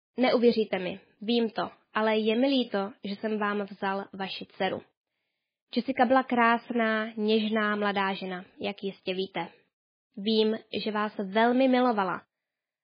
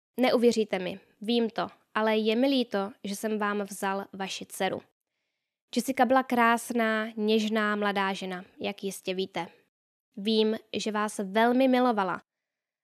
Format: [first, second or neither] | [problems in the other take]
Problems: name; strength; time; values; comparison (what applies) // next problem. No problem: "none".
second | garbled, watery; badly; nothing above 4.5 kHz